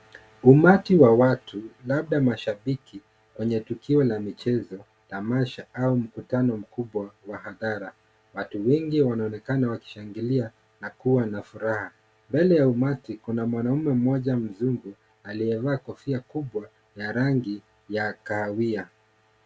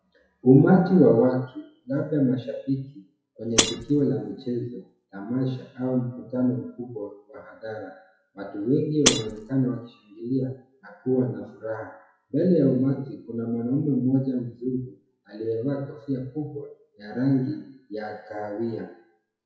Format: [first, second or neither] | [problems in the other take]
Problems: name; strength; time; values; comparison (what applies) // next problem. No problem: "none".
first | noise reduction (classical method WPE with log-MMSE)